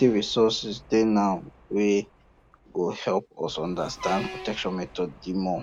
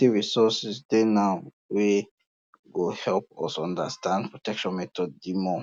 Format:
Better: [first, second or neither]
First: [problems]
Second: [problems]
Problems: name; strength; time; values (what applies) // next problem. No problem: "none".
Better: second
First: background sound (Truck); 18 dB below the speech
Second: none